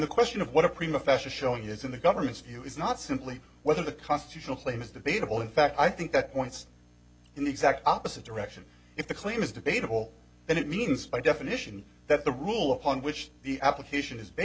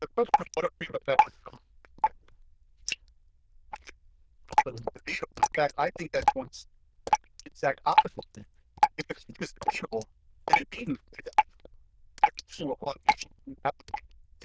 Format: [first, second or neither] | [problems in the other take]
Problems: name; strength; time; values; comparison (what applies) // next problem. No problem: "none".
first | noise reduction (neural diffusion model UNIVERSE++)